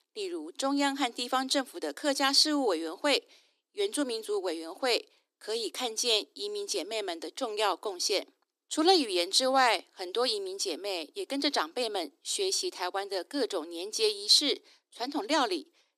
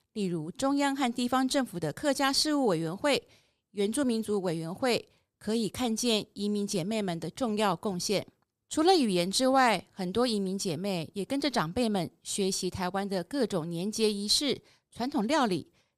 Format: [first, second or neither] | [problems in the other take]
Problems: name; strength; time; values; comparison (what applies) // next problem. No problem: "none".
second | thin; very slightly; fading below 300 Hz